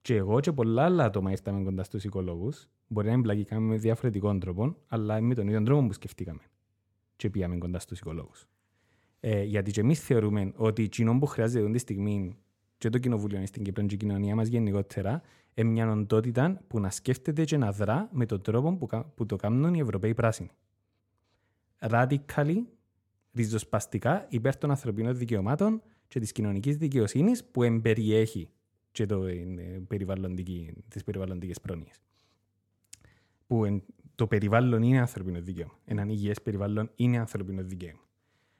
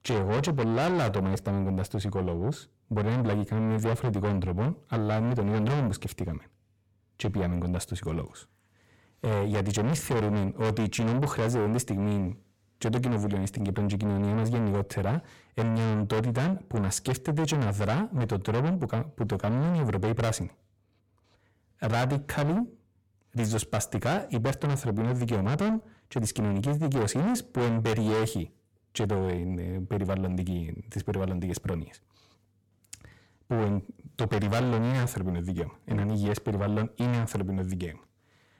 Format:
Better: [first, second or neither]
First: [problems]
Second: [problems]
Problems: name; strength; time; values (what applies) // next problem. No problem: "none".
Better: first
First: none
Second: distortion; heavy; 5 dB below the speech